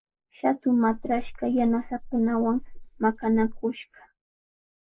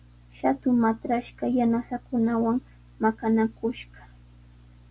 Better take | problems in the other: second | noise reduction (neural mask model Resemble Enhance denoiser)

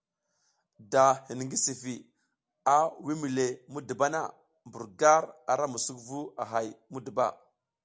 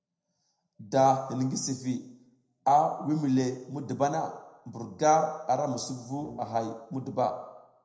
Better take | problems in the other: first | noise reduction (neural separator model SepFormer DNS4)

